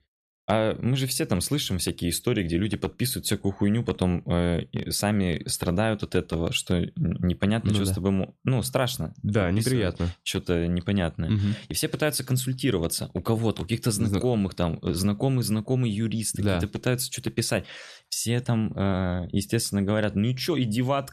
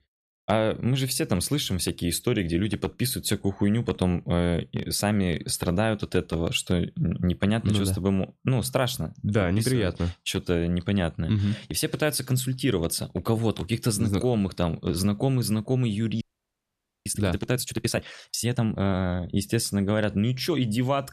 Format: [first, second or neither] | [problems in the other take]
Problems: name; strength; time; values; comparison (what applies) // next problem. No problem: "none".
first | audio freezing; at 16 s for 1 s